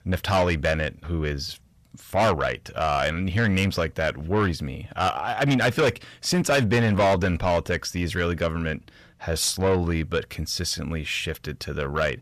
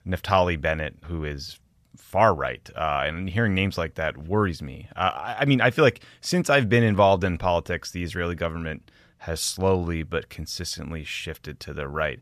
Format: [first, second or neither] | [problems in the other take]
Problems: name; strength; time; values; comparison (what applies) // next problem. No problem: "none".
second | distortion; heavy; 7 dB below the speech